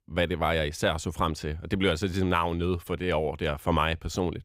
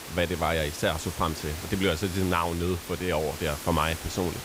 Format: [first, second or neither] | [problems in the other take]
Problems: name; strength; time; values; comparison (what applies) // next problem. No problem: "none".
first | hiss; loud; throughout; 10 dB below the speech